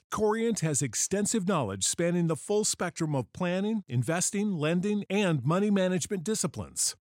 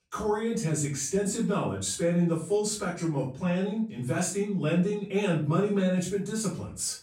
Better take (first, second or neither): first